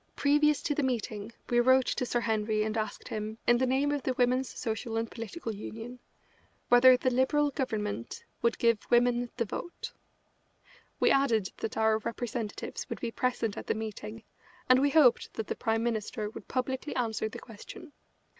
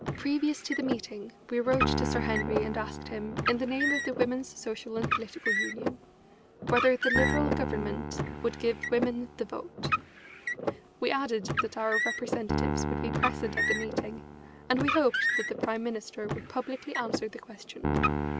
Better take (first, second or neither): first